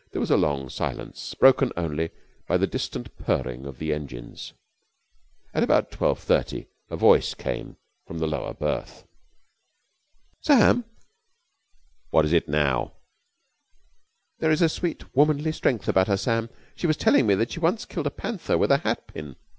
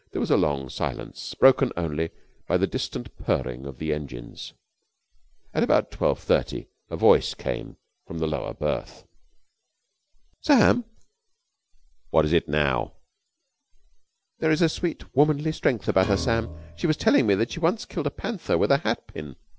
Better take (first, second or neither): first